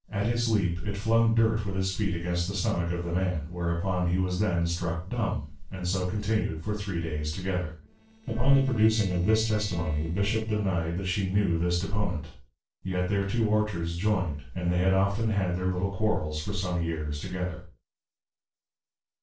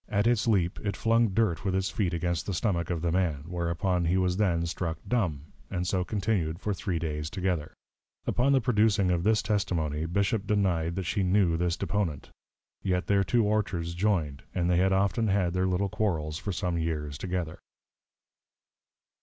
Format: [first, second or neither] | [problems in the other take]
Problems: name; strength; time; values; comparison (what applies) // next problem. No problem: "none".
second | noise reduction (neural separator model SepFormer DNS4)